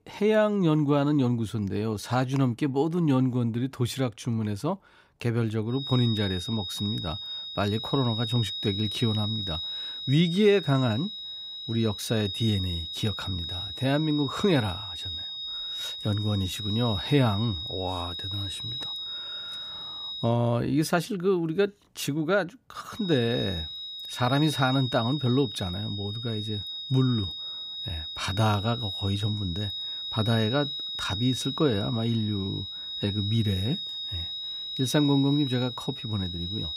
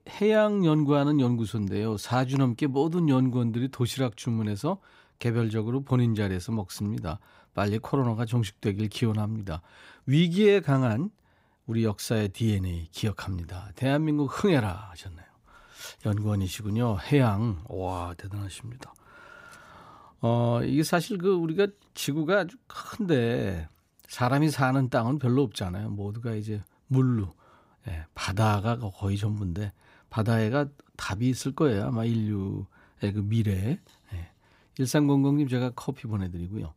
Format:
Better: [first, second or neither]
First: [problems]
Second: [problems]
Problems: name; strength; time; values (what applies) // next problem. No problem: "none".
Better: second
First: high-pitched whine; loud; from 6 to 20 s and from 23 s on; 4 kHz, 5 dB below the speech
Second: none